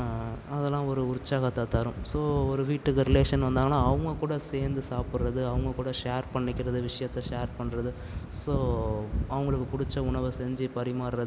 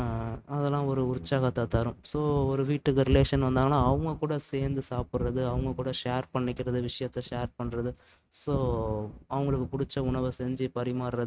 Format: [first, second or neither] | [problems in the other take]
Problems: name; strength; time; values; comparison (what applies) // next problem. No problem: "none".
first | noise reduction (neural mask model RNNoise)